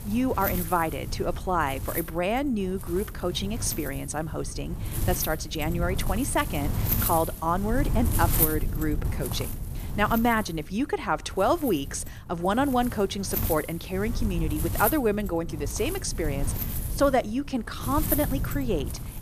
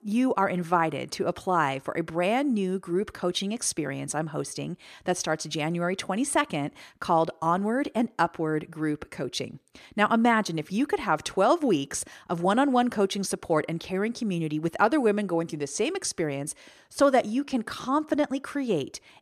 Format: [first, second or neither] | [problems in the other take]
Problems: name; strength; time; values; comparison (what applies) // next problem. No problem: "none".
second | wind noise on the microphone; occasional gusts; 10 dB below the speech